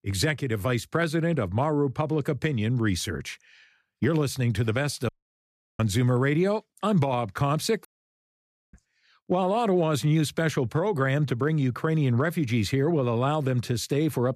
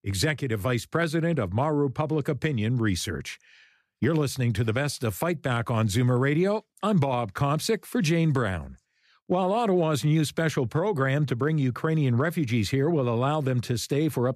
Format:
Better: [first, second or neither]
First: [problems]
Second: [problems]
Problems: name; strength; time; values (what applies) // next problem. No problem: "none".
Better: second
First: audio cutting out; at 5 s for 0.5 s and at 8 s for 1 s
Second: none